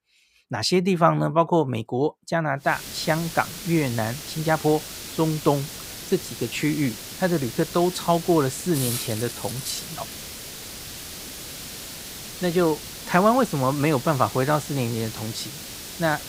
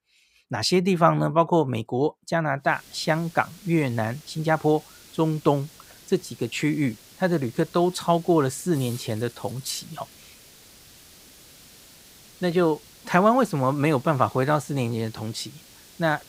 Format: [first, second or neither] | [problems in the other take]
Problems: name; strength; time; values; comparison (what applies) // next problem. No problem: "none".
second | hiss; loud; from 2.5 s on; 10 dB below the speech; faint in the second